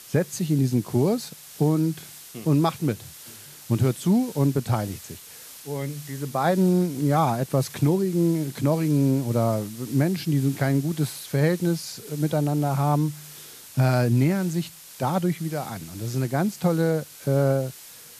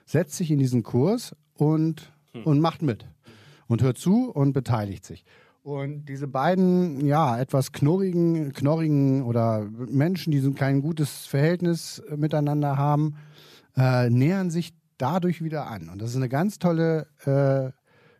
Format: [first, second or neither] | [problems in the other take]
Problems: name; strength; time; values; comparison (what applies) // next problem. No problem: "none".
second | hiss; noticeable; throughout; 15 dB below the speech